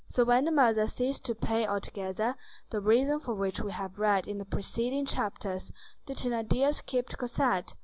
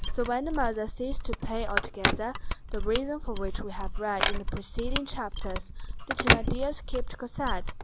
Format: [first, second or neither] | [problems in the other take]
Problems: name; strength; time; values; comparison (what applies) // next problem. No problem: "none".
first | background sound (Mechanisms + Telephone); 3 dB above the speech